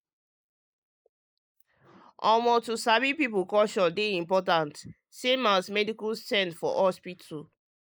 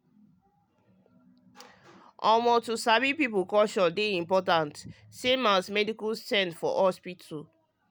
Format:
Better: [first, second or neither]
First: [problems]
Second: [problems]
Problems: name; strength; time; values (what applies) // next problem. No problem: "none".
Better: second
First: noise reduction (neural mask model Resemble Enhance denoiser)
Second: none